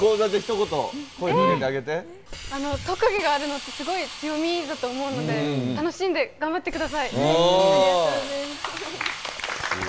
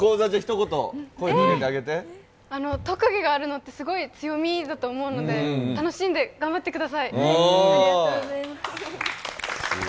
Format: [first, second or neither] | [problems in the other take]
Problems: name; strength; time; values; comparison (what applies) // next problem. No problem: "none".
second | background sound (Hiss); 14 dB below the speech